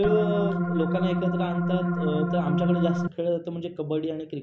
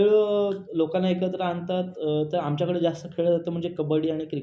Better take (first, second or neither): second